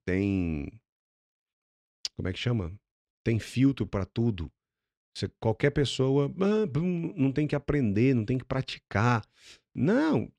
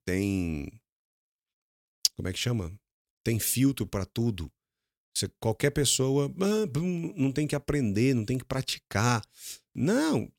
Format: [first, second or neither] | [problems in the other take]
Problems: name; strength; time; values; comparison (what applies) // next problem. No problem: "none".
second | muffled; slightly; fading above 3 kHz